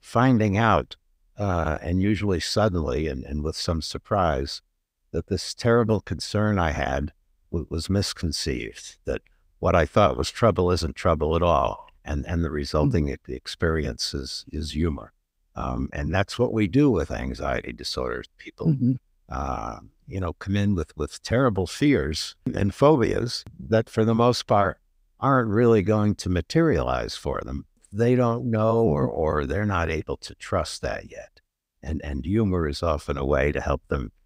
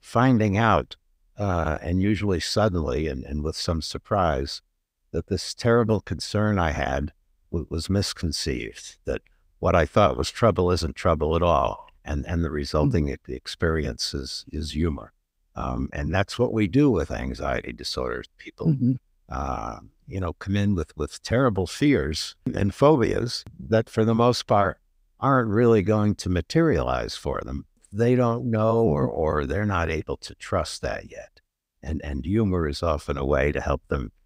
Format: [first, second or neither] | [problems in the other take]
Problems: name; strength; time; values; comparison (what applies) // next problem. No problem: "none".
neither | none